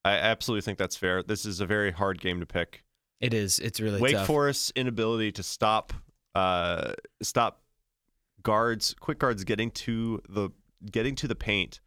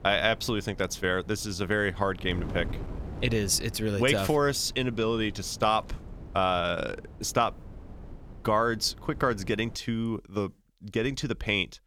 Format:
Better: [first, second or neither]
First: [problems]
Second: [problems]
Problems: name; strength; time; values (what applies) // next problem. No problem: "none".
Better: first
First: none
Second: wind noise on the microphone; occasional gusts; until 10 s; 20 dB below the speech